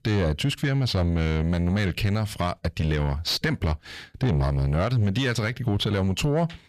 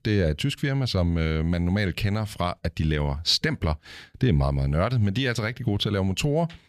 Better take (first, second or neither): second